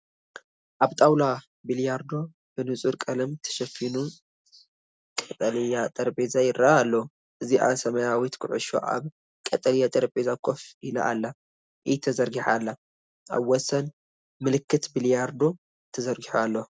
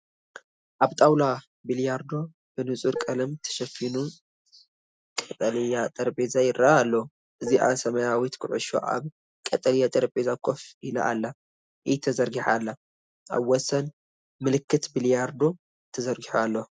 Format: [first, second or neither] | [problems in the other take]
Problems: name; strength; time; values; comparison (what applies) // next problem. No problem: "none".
first | noise reduction (classical method Wiener filter)